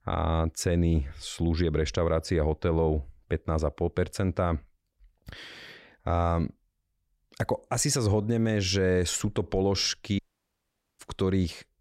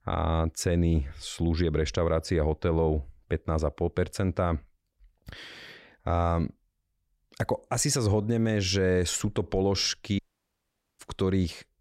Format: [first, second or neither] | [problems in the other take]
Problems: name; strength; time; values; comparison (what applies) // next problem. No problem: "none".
neither | audio cutting out; at 10 s for 1 s; the same in both